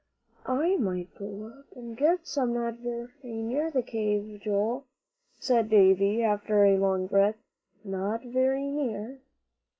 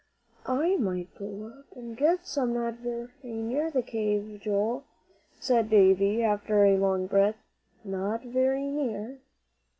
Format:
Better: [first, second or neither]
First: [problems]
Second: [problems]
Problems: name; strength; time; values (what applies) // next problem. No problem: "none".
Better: second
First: noise reduction (neural mask model Resemble Enhance denoiser)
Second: none